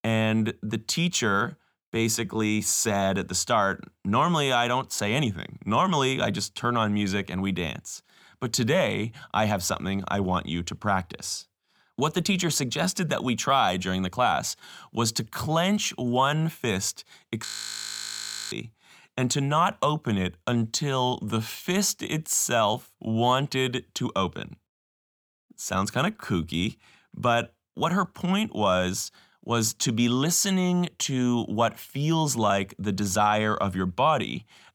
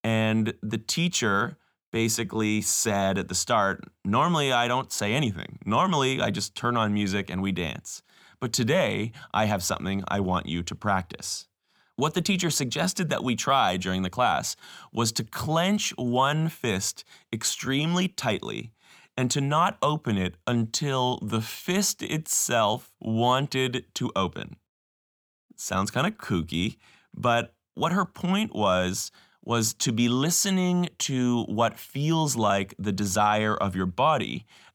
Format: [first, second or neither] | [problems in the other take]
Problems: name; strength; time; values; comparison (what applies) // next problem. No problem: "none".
second | audio freezing; at 17 s for 1 s